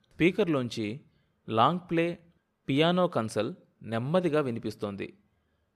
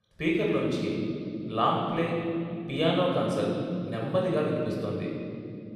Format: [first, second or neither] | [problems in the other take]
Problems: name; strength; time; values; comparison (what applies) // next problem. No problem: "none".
first | off-mic speech; far // room echo; noticeable; dies away in 3 s